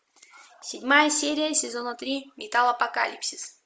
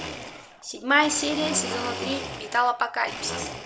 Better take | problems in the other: first | background sound (Domestic sounds, home sounds); 8 dB below the speech

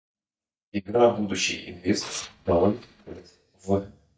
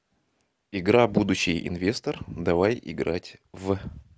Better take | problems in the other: second | noise reduction (neural mask model DeepFilterNet 3)

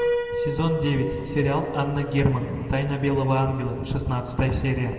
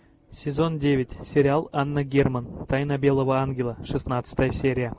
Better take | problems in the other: second | background sound (Piano); 8 dB below the speech // room echo; dies away in 2.3 s

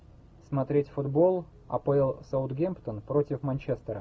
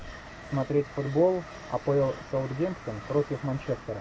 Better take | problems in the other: first | background sound (Train); 15 dB below the speech

